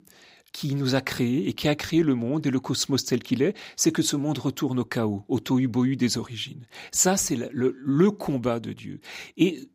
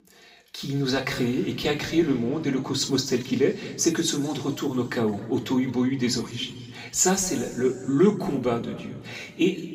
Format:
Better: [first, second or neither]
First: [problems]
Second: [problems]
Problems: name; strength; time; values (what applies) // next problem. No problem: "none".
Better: first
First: none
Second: room echo; slight; dies away in 1.7 s // off-mic speech; somewhat distant